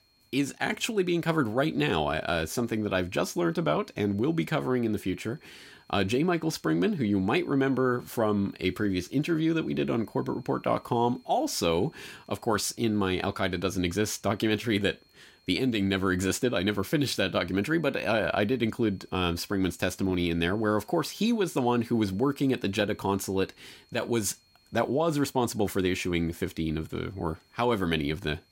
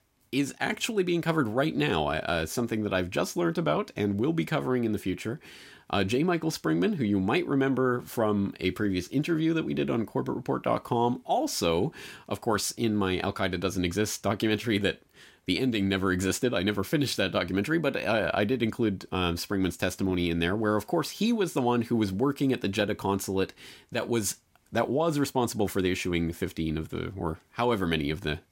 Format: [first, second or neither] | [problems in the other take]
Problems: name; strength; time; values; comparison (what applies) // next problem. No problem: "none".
second | high-pitched whine; faint; throughout; 4 kHz, 35 dB below the speech